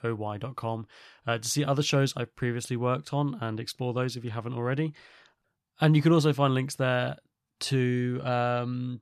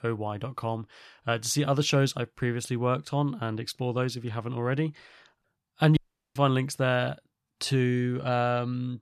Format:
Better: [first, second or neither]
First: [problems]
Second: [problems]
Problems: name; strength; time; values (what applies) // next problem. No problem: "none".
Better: first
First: none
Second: audio cutting out; at 6 s